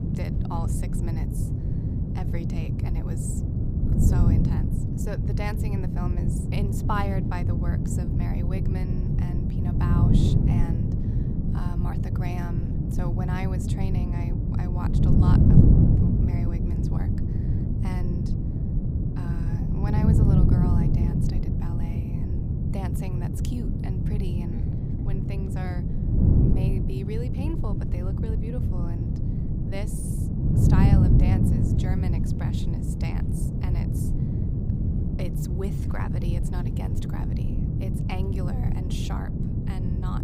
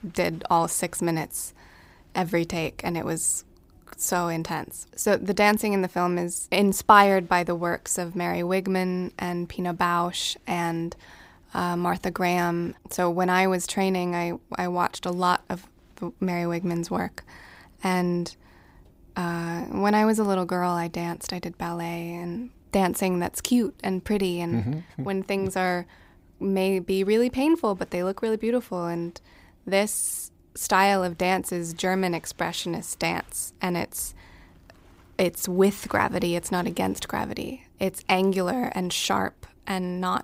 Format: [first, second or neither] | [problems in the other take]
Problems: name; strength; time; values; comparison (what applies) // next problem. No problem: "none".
second | wind noise on the microphone; heavy; 4 dB above the speech